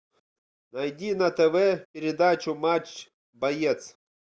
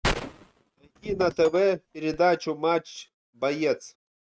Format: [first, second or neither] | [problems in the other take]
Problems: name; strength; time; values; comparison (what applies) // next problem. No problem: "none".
first | noise reduction (neural mask model RNNoise)